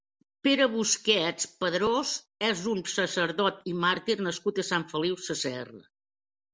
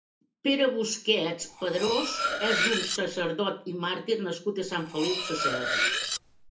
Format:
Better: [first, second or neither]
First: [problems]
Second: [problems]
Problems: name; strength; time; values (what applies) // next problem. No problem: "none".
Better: first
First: none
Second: background sound (Cutlery, silverware); 1 dB below the speech // room echo; dies away in 0.3 s